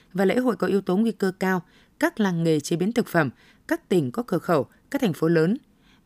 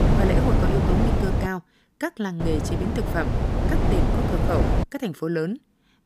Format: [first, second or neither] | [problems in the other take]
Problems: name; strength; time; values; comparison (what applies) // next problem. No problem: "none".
first | wind noise on the microphone; heavy; until 1.5 s and from 2.5 to 5 s; 1 dB above the speech